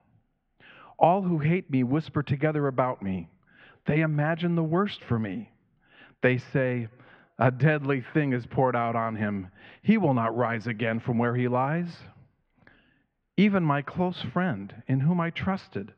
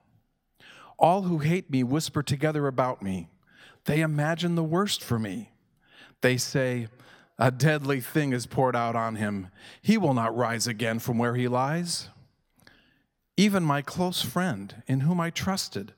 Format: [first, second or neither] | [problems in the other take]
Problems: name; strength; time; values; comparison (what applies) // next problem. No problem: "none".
second | muffled; very; fading above 2.5 kHz